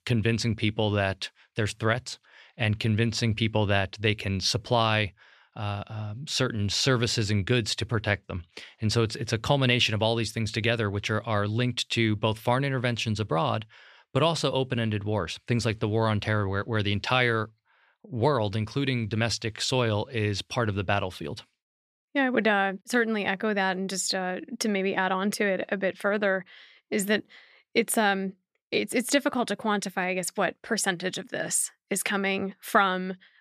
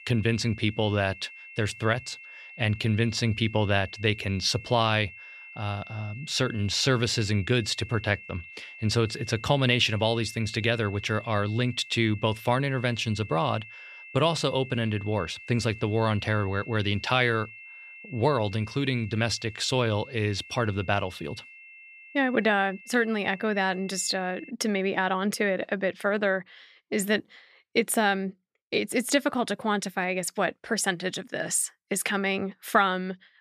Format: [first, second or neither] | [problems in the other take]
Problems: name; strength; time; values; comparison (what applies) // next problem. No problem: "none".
first | high-pitched whine; noticeable; until 25 s; 2.5 kHz, 15 dB below the speech